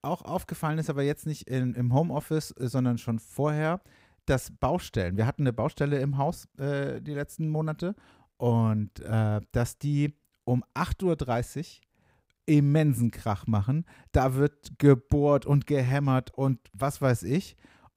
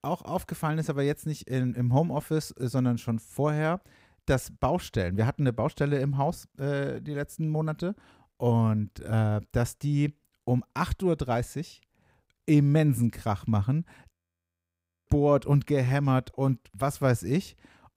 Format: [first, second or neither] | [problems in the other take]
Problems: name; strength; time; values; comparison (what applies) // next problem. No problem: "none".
first | audio freezing; at 14 s for 1 s